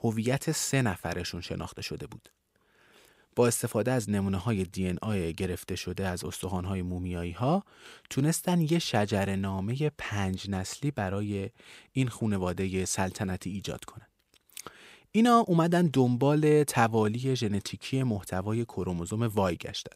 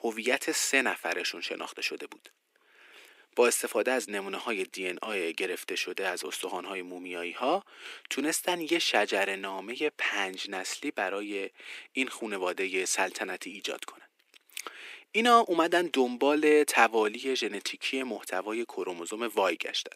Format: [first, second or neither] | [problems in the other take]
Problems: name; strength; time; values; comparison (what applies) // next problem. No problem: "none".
first | thin; somewhat; fading below 300 Hz